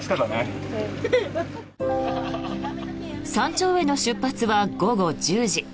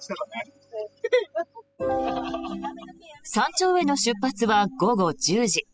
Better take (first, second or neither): first